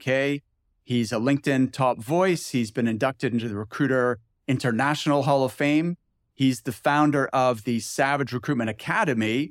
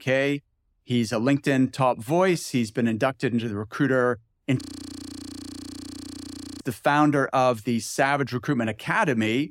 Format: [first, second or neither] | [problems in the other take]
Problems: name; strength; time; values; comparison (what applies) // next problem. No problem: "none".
first | audio freezing; at 4.5 s for 2 s